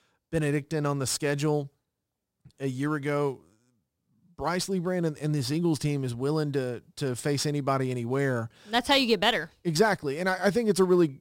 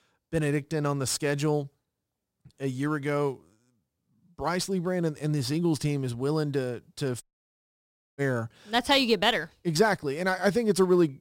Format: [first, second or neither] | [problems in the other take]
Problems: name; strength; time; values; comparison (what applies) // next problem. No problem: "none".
first | audio cutting out; at 7 s for 1 s